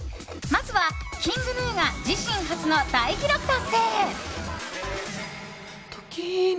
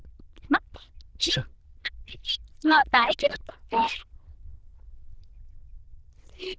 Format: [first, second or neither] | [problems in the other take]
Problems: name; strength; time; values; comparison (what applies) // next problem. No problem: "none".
first | noise reduction (neural diffusion model UNIVERSE++)